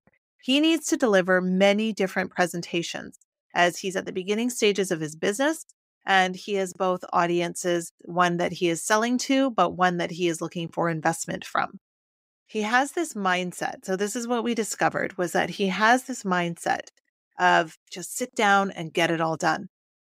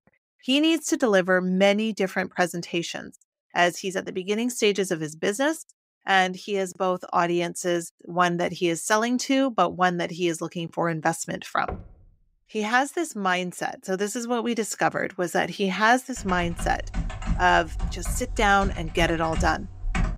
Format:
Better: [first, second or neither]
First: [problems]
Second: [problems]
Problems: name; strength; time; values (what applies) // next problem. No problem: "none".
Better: first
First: none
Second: door banging; faint; at 12 s; peak 15 dB below the speech // keyboard typing; noticeable; from 16 s on; peak 5 dB below the speech